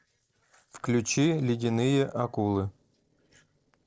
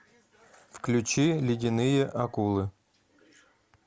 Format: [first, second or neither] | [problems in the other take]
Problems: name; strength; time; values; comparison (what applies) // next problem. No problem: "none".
second | noise reduction (neural separator model SepFormer DNS4)